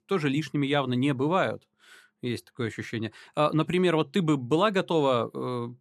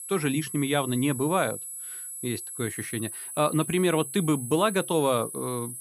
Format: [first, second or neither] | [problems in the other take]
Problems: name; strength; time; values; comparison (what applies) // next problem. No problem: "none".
first | high-pitched whine; loud; throughout; 10.5 kHz, 8 dB below the speech